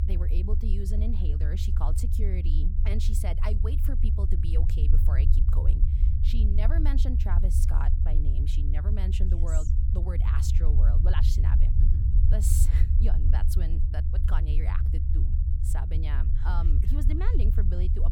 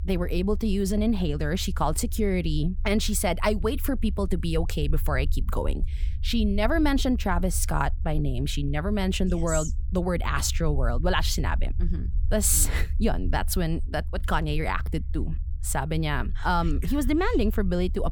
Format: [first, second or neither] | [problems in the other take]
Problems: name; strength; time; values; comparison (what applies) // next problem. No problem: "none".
second | low rumble; loud; throughout; 3 dB below the speech; faint in the second